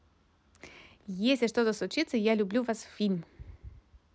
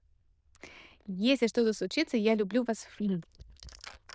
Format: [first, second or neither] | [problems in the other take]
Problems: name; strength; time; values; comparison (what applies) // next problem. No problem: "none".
first | noise reduction (neural diffusion model UNIVERSE++)